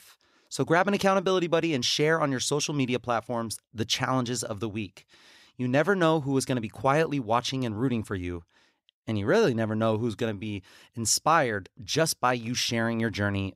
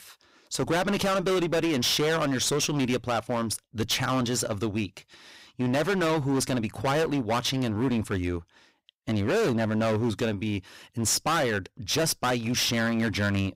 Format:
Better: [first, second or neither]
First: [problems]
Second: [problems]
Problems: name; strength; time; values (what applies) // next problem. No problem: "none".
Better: first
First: none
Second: distortion; heavy; 20% of the sound clipped